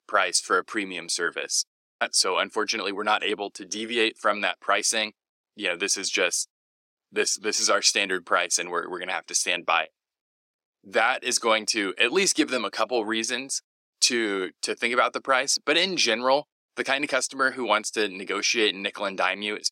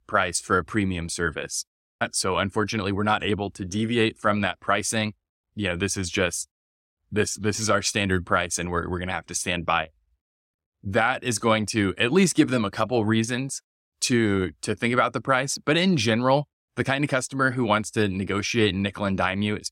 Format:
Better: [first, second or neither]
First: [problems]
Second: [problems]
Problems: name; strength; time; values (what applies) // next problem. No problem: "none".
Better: second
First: thin; somewhat; fading below 350 Hz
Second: none